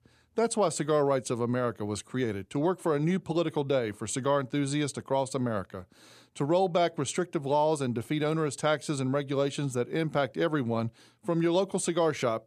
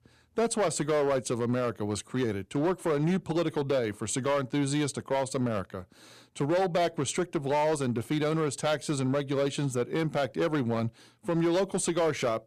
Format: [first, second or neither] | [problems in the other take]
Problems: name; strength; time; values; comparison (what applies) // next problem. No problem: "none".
first | distortion; slight; 9% of the sound clipped